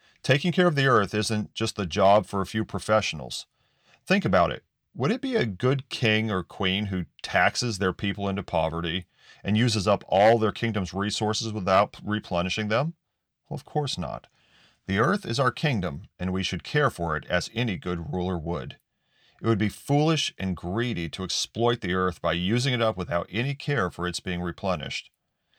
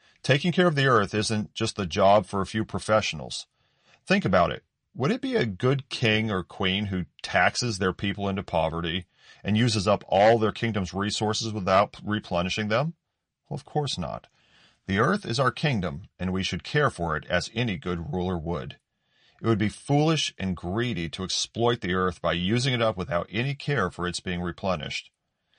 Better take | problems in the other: first | garbled, watery; slightly; nothing above 9 kHz

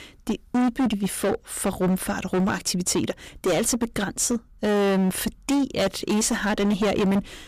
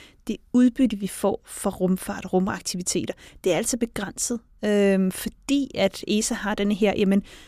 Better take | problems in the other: second | distortion; heavy; 19% of the sound clipped

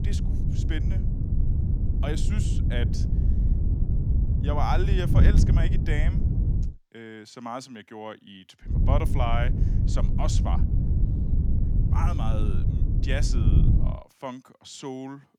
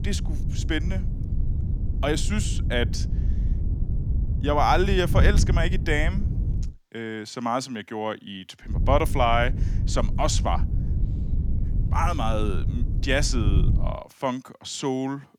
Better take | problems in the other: second | wind noise on the microphone; heavy; until 6.5 s and from 8.5 to 14 s; 4 dB below the speech; occasional gusts in the second

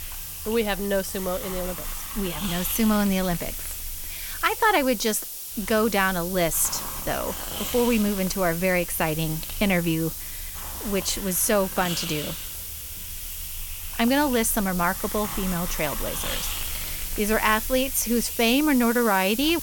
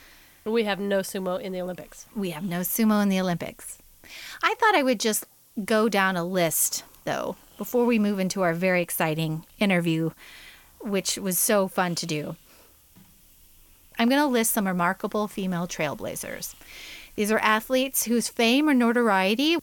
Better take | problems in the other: second | hiss; loud; throughout; 7 dB below the speech; faint in the second

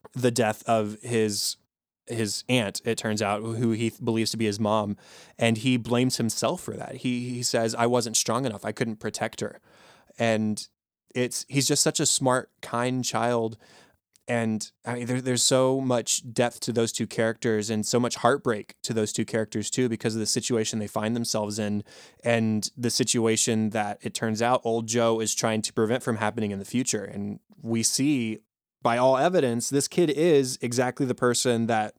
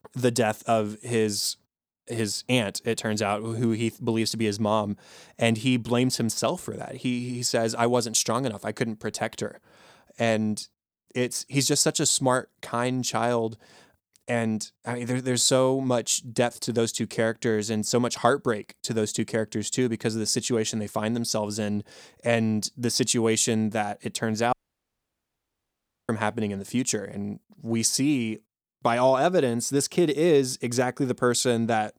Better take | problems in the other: first | audio cutting out; at 25 s for 1.5 s

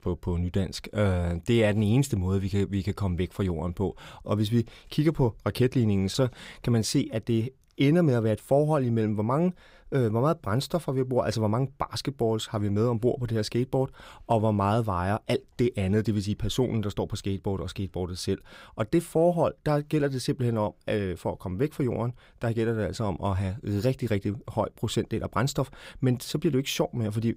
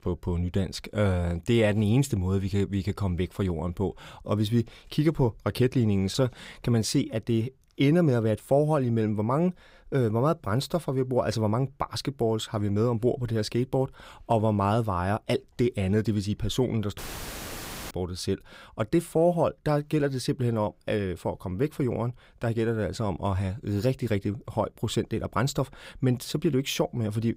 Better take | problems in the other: first | audio cutting out; filled with static; at 17 s for 1 s

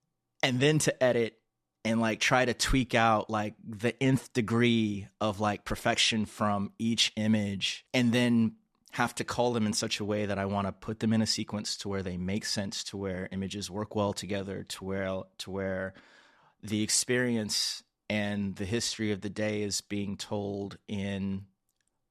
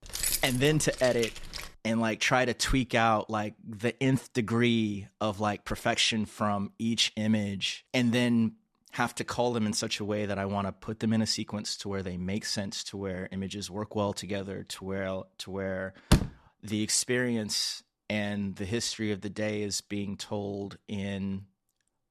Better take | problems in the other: first | jangling keys; loud; until 1.5 s; peak 1 dB above the speech // door banging; loud; at 16 s; peak 3 dB above the speech

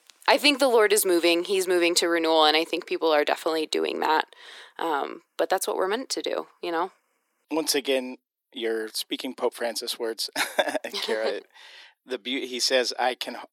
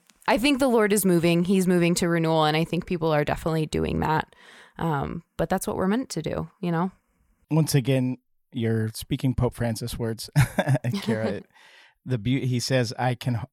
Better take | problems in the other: second | thin; very; fading below 300 Hz

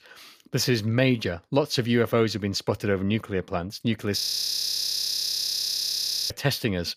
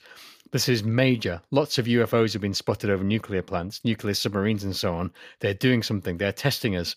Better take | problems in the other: second | audio freezing; at 4 s for 2 s

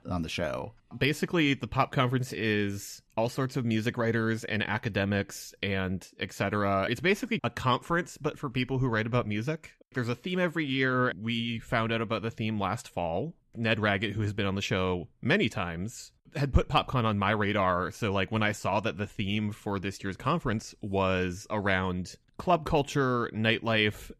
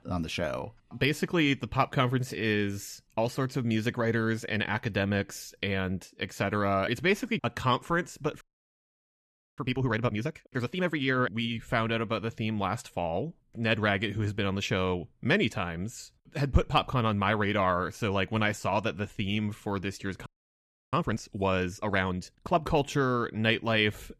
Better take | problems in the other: first | audio freezing; at 8.5 s for 1 s and at 20 s for 0.5 s

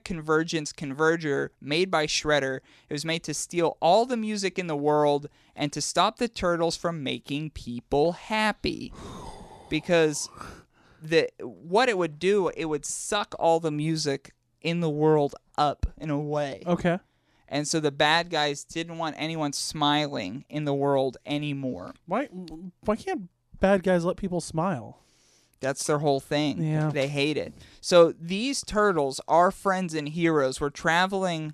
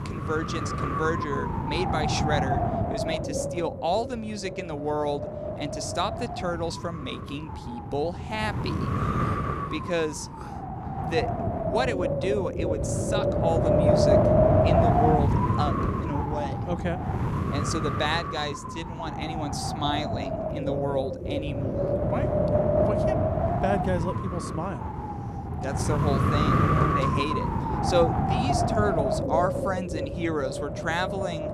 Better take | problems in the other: first | wind noise on the microphone; heavy; 3 dB above the speech

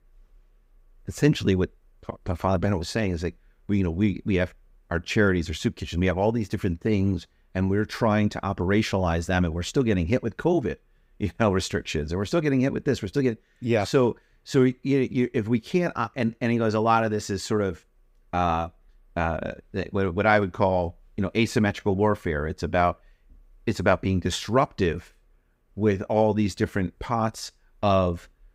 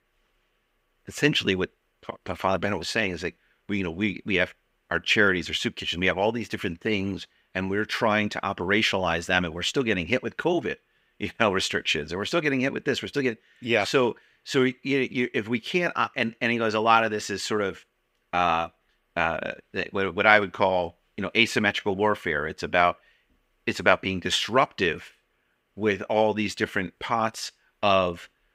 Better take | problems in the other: first | thin; very slightly; fading below 300 Hz

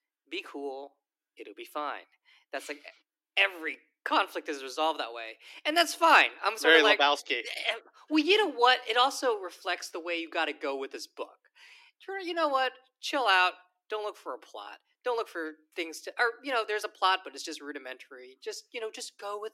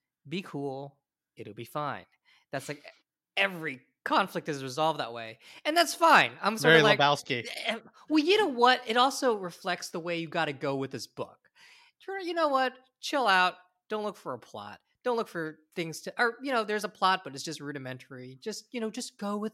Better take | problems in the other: second | thin; somewhat; fading below 300 Hz

